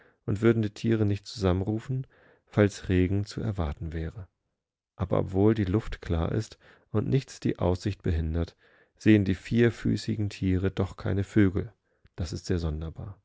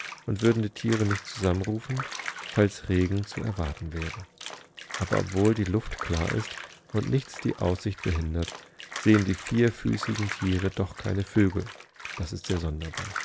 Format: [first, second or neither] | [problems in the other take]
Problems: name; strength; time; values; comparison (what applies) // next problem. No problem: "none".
first | background sound (Bathtub (filling or washing)); 12 dB below the speech